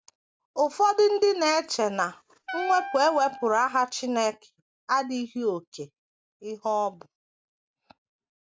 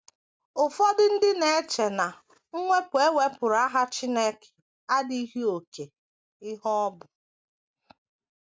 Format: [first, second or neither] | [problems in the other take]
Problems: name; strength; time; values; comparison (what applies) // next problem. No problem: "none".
second | background sound (Wind instrument, woodwind instrument); 12 dB below the speech